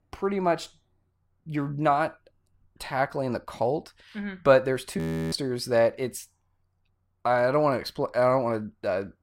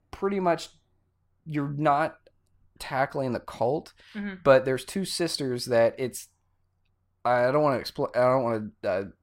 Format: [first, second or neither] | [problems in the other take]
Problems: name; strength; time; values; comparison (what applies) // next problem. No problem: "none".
second | audio freezing; at 5 s